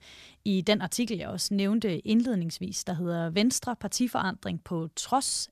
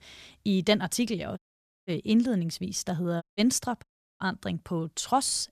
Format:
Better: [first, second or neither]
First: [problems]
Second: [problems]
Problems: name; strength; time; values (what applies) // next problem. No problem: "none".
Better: first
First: none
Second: audio cutting out; at 1.5 s, at 3 s and at 4 s